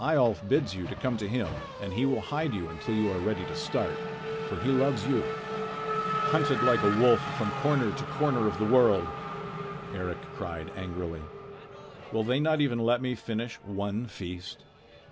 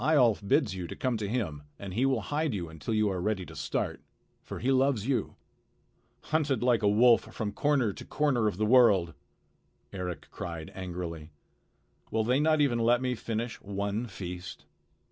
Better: second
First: background sound (Race car, auto racing / Accelerating, revving, vroom); 6 dB below the speech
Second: none

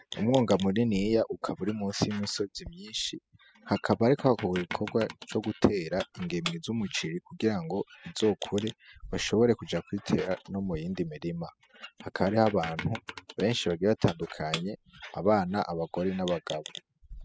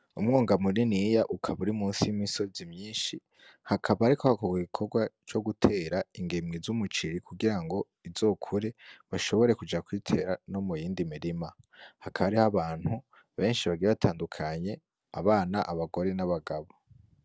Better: second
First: noise reduction (classical method spectral subtraction)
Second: none

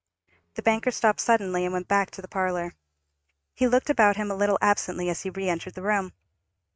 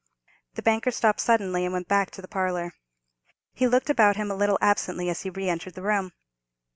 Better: second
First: noise reduction (neural mask model RNNoise)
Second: none

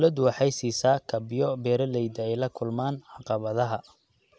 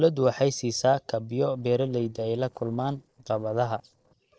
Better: first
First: none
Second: noise reduction (neural separator model SepFormer DNS4)

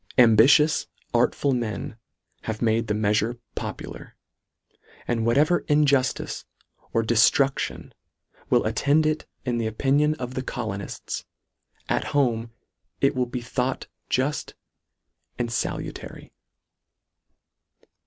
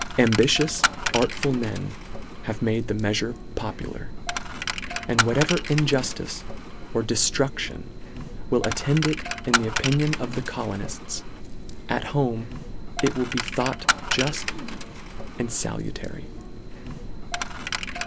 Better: first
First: none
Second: background sound (Coin (dropping)); 3 dB below the speech

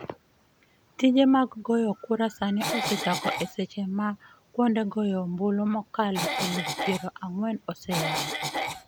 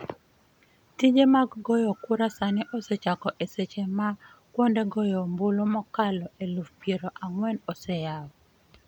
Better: second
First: background sound (Cough); 3 dB below the speech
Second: none

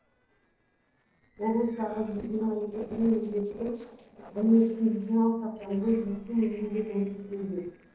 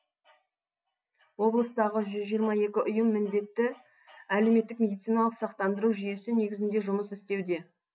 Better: second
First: noise reduction (neural separator model SepFormer DNS4)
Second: none

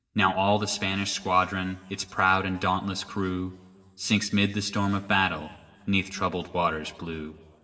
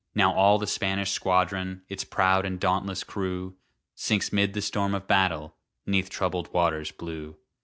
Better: second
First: room echo; dies away in 2.3 s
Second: none

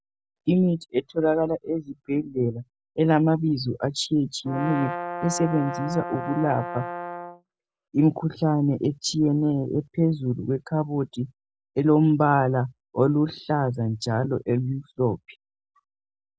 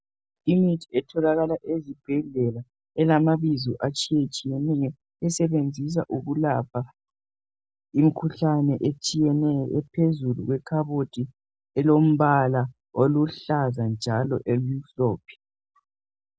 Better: second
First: background sound (Brass instrument); 8 dB below the speech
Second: none

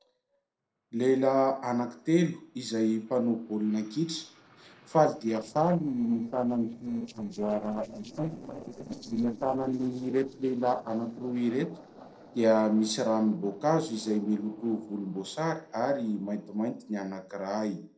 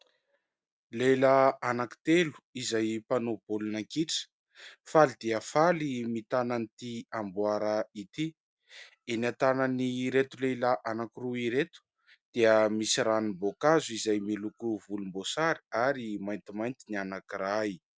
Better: second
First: noise reduction (neural separator model SepFormer DNS4)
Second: none

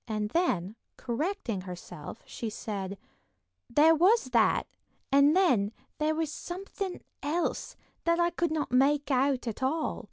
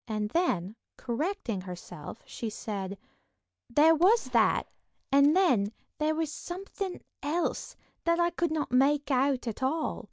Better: first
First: none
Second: noise reduction (neural mask model DeepFilterNet 3)

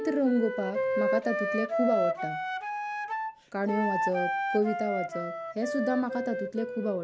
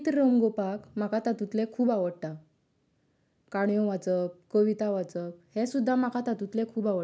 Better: second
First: background sound (Wind instrument, woodwind instrument); 1 dB below the speech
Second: none

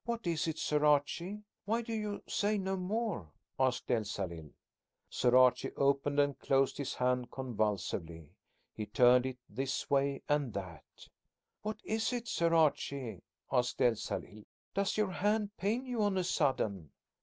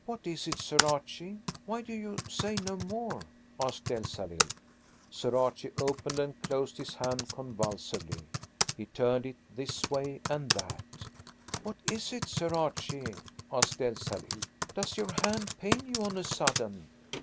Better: first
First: none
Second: background sound (Typing); 2 dB below the speech

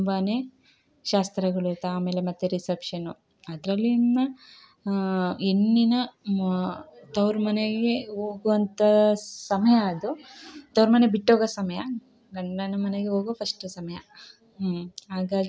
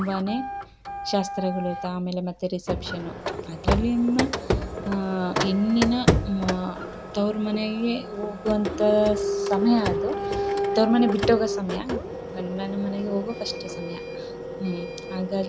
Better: first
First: none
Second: background sound (Printer); 3 dB below the speech

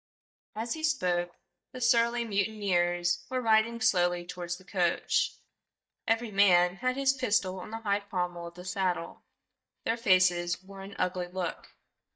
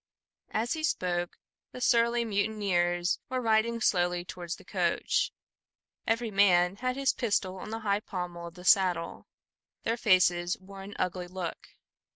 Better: second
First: noise reduction (neural mask model DeepFilterNet 3)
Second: none

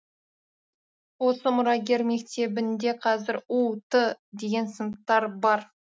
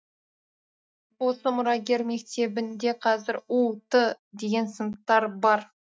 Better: first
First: none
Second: noise reduction (neural mask model DeepFilterNet 3)

